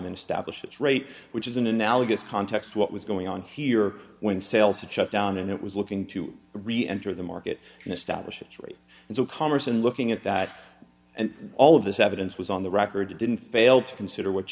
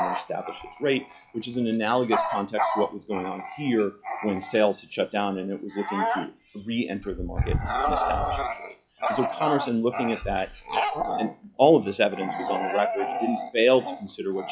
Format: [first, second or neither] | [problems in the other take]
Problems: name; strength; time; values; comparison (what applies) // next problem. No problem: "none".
first | noise reduction (classical method log-MMSE)